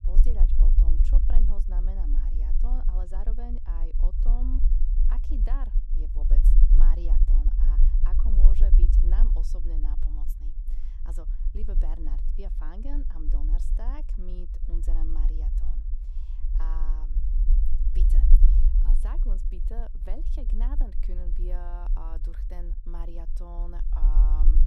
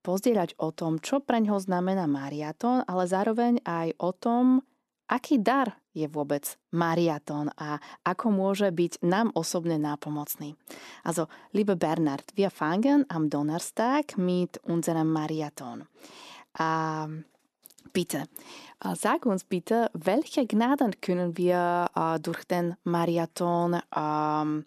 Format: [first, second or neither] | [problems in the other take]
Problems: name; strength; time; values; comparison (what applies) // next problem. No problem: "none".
second | low rumble; loud; throughout; 3 dB below the speech